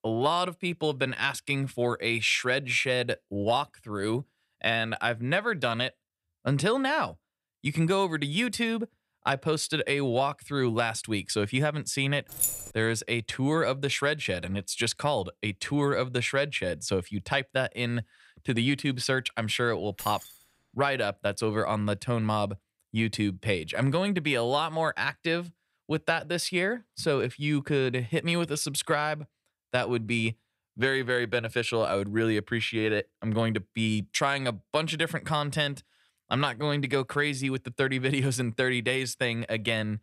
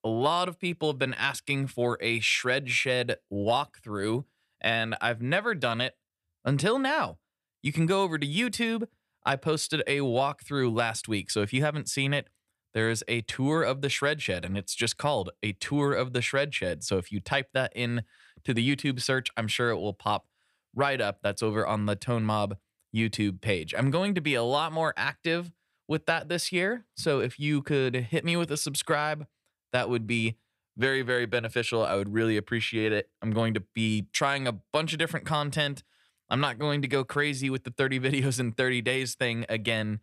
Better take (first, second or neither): second